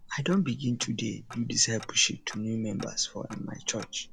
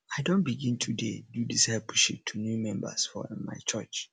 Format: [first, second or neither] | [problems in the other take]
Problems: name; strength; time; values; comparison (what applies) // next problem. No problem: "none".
second | background sound (Tick-tock); 18 dB below the speech